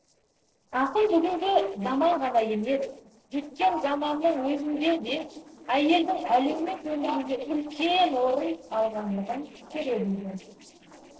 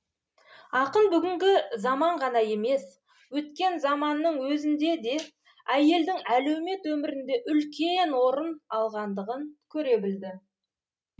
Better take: second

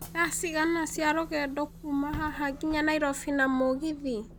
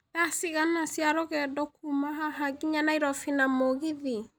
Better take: second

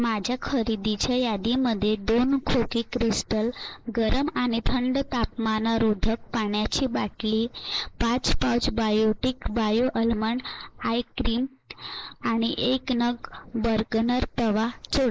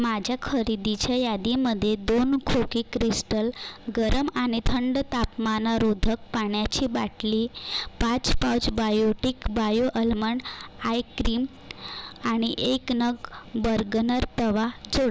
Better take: second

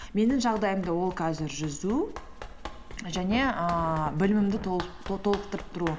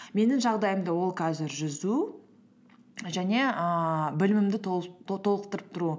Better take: second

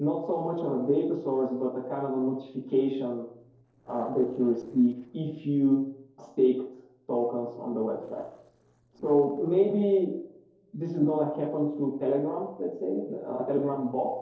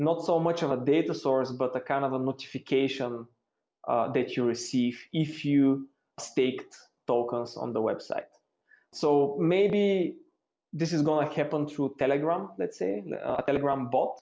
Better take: second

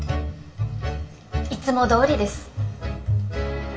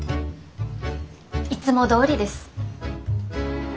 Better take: second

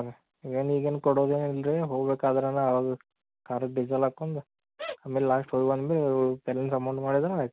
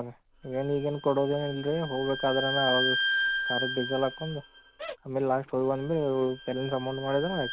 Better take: first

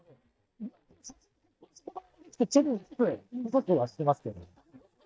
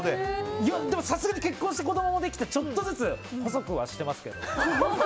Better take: second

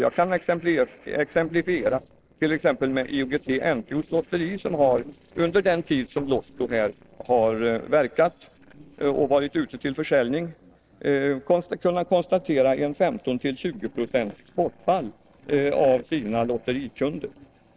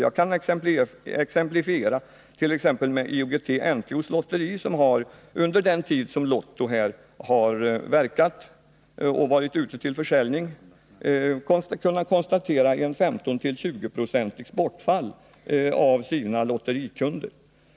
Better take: second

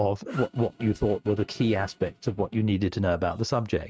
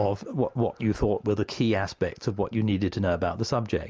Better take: second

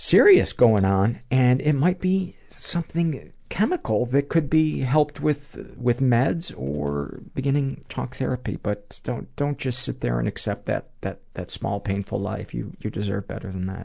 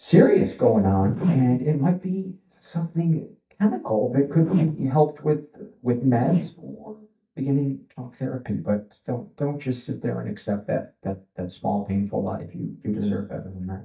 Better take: first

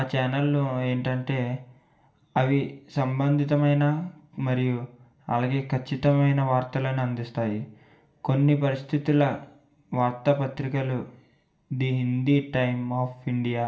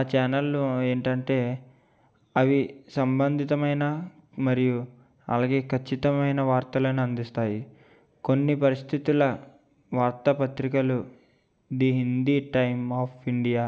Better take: second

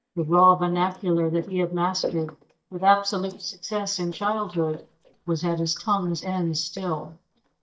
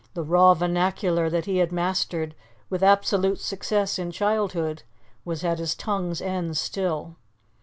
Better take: second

